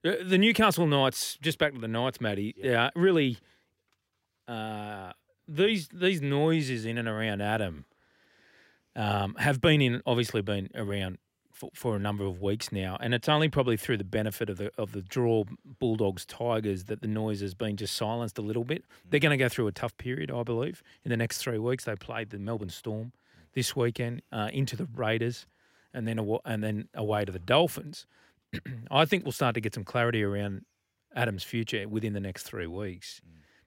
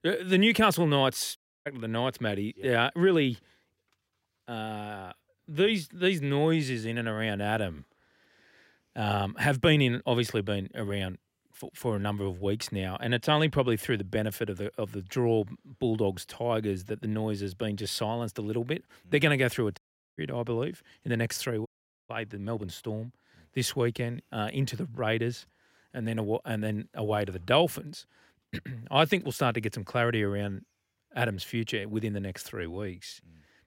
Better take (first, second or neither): first